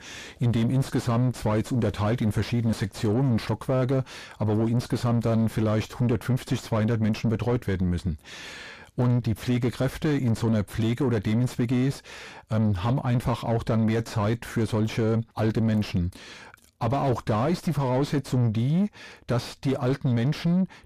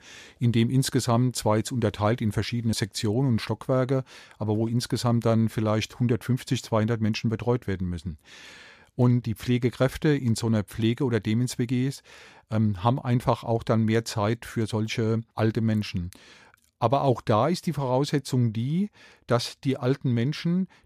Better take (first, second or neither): second